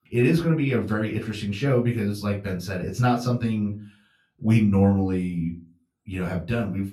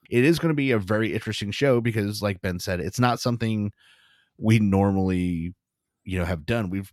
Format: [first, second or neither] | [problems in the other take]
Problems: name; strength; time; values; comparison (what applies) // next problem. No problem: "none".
second | off-mic speech; far // room echo; very slight; dies away in 0.3 s